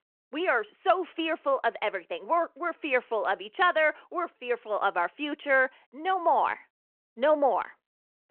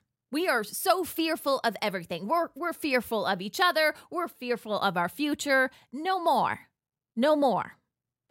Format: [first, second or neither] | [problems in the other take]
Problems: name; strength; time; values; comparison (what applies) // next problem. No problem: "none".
second | phone-call audio